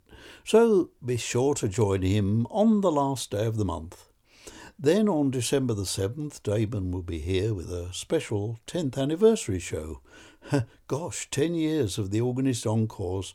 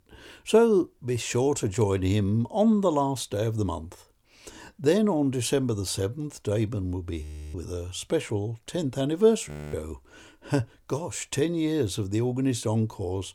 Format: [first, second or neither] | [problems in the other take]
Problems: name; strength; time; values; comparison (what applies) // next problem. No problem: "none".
first | audio freezing; at 7 s and at 9.5 s